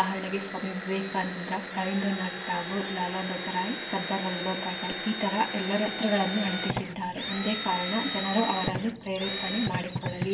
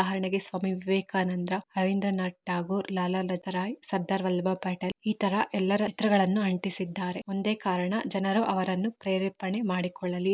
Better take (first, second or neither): second